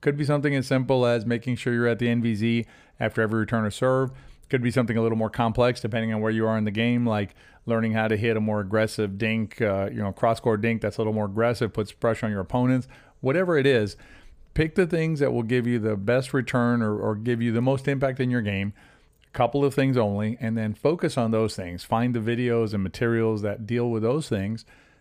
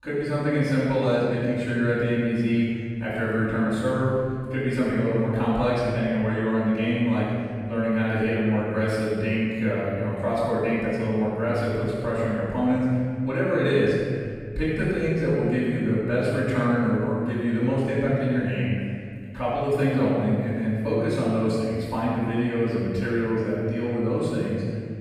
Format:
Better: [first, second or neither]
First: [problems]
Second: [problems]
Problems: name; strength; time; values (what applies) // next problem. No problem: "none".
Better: first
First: none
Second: off-mic speech; far // room echo; strong; dies away in 2.1 s